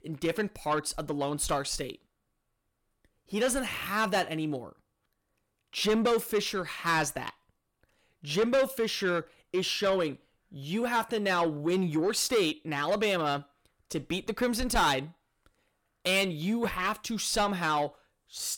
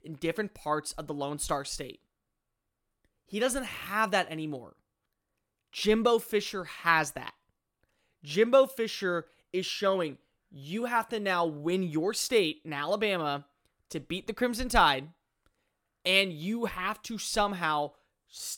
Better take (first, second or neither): second